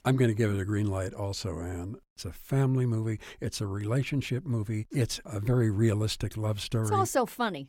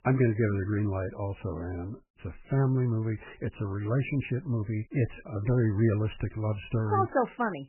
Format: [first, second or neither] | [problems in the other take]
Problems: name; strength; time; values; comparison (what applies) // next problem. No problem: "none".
first | garbled, watery; badly; nothing above 3 kHz